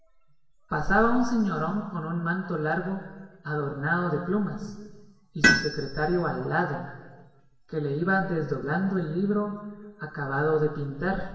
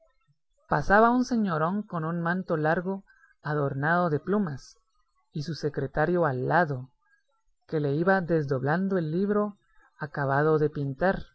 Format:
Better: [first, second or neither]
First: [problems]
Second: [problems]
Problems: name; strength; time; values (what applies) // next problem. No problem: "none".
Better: second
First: background sound (Tools); 2 dB below the speech // room echo; dies away in 1.4 s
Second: none